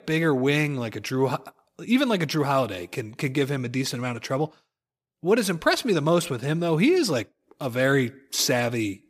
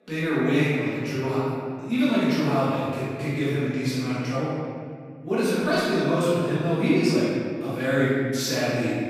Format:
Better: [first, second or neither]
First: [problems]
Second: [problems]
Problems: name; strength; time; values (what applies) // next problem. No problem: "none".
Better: first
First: none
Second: off-mic speech; far // room echo; strong; dies away in 2 s